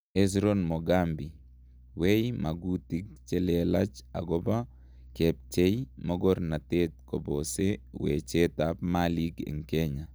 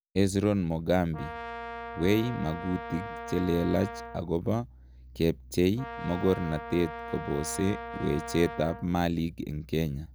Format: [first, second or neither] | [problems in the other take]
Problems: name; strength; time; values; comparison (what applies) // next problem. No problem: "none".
first | background sound (Brass instrument); 10 dB below the speech